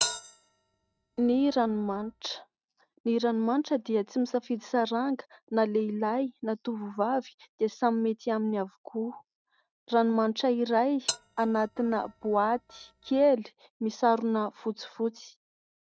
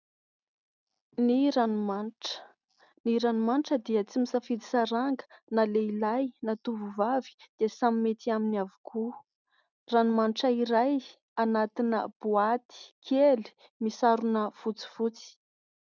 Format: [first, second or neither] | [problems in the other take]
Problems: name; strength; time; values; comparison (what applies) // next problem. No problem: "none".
second | noise reduction (neural mask model RNNoise)